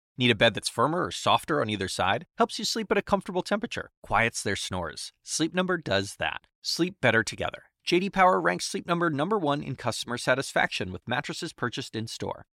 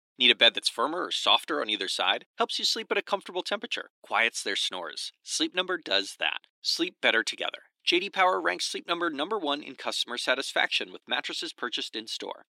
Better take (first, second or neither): first